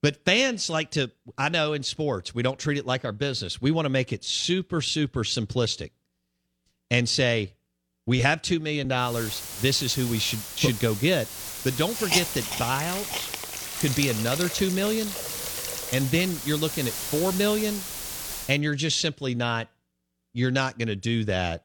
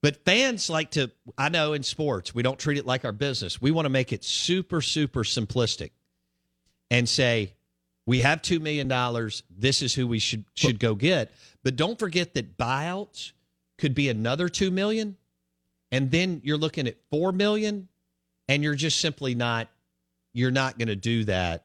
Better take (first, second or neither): second